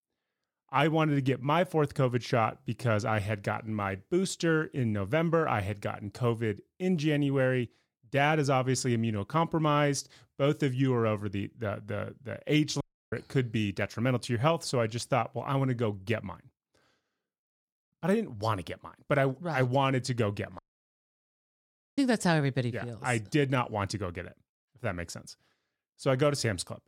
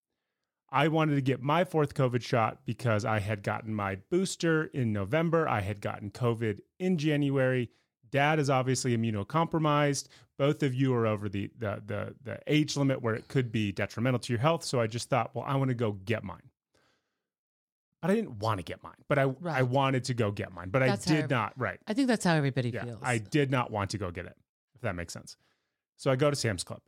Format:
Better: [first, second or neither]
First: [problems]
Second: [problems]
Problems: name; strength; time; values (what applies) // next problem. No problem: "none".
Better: second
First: audio cutting out; at 13 s and at 21 s for 1.5 s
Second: none